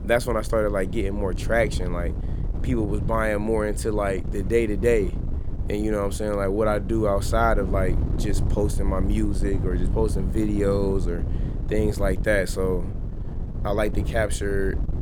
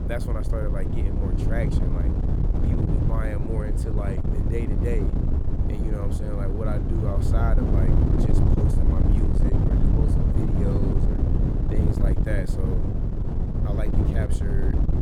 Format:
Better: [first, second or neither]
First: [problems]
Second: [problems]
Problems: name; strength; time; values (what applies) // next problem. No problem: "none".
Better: first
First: wind noise on the microphone; occasional gusts; 15 dB below the speech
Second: wind noise on the microphone; heavy; 2 dB above the speech